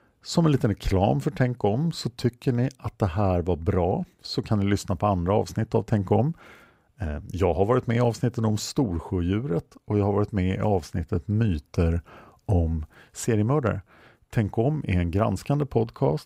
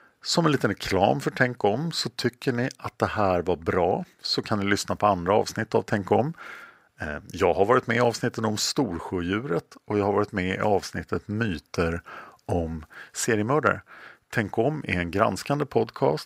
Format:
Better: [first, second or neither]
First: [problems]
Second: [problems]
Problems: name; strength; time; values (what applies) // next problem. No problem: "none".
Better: first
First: none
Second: thin; somewhat; fading below 750 Hz